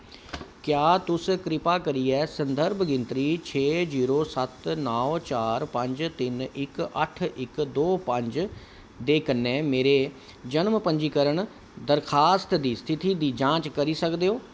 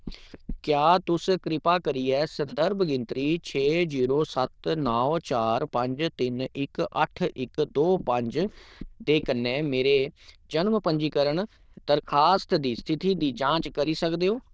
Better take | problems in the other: first | noise reduction (neural diffusion model UNIVERSE++)

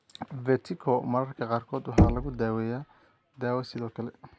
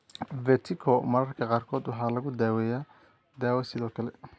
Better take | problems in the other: second | background sound (Knock); 1 dB above the speech

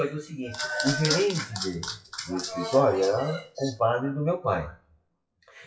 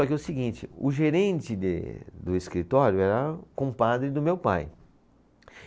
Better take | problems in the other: second | noise reduction (classical method WPE with log-MMSE)

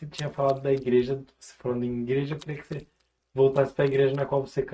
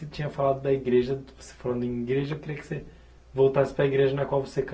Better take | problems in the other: second | noise reduction (neural mask model RNNoise)

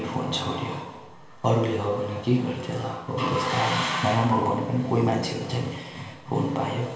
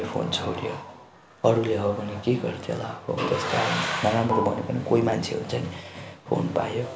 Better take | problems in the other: second | room echo; dies away in 1.1 s

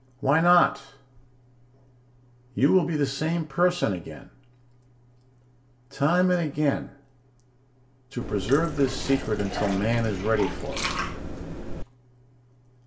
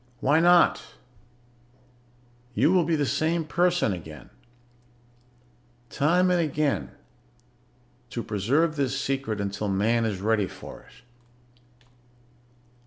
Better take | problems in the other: second | background sound (Liquid); 4 dB below the speech // room echo; dies away in 0.2 s

